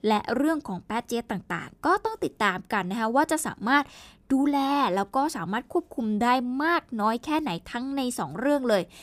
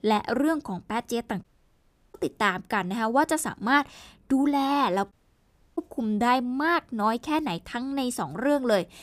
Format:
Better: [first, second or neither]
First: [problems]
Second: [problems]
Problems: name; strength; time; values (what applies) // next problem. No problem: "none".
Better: first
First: none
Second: audio cutting out; at 1.5 s for 0.5 s and at 5 s for 0.5 s